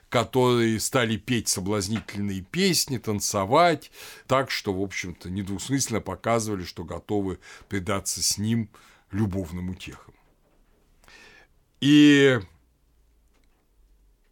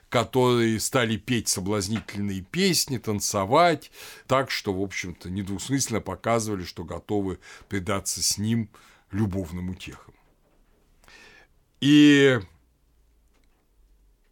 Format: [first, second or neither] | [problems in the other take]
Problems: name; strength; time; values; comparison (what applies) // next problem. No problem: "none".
neither | none